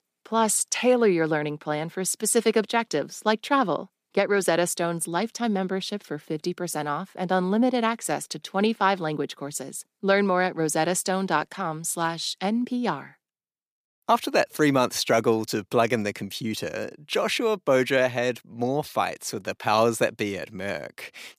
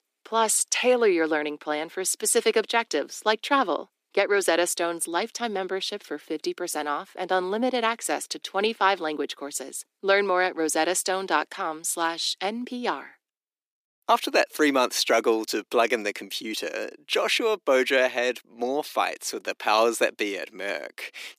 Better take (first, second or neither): first